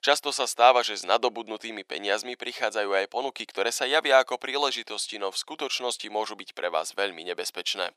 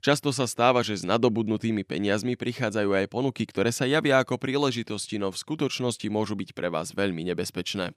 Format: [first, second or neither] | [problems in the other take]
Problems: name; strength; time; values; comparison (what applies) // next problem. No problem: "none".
second | thin; very; fading below 500 Hz